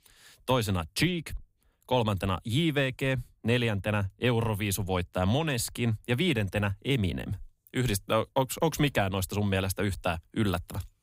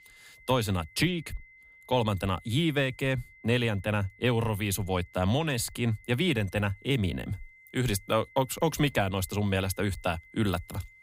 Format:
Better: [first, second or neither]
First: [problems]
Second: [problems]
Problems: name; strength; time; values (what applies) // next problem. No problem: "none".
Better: first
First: none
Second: high-pitched whine; faint; throughout; 2 kHz, 25 dB below the speech